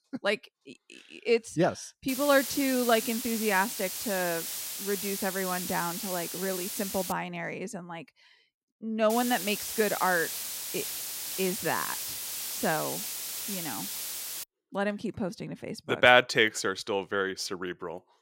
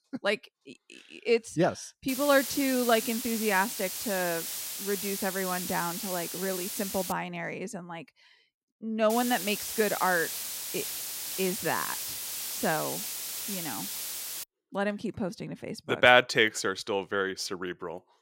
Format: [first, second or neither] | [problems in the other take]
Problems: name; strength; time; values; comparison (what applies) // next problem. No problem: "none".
neither | hiss; loud; from 2 to 7 s and from 9 to 14 s; 5 dB below the speech; the same in both